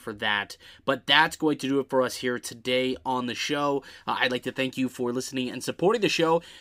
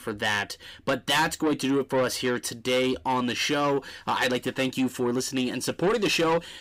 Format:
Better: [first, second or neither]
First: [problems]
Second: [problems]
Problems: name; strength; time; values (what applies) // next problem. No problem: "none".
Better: first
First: none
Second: distortion; heavy; 8 dB below the speech